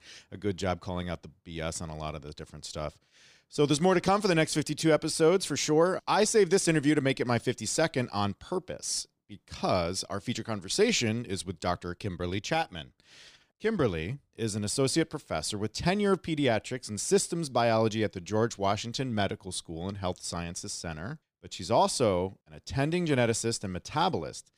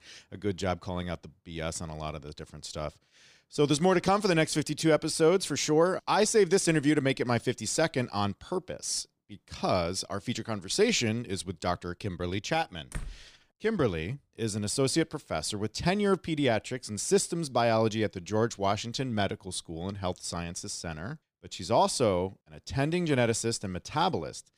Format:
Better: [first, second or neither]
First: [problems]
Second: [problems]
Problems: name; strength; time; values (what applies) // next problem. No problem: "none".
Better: first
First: none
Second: door banging; faint; at 13 s; peak 15 dB below the speech